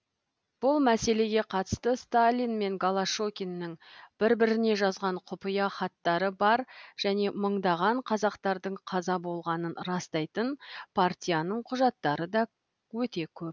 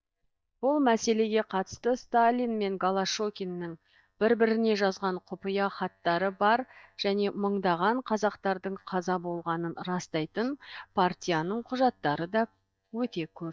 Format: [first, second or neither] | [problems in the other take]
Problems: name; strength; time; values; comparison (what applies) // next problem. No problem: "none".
first | noise reduction (neural mask model DeepFilterNet 3)